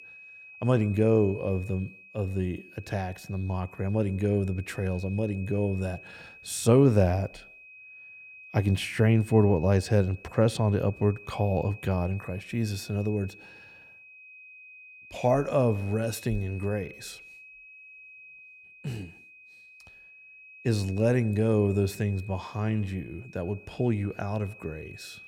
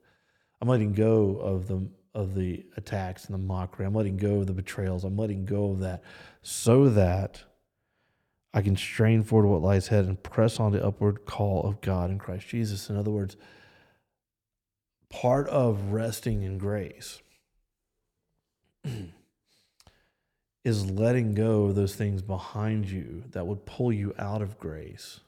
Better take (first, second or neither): second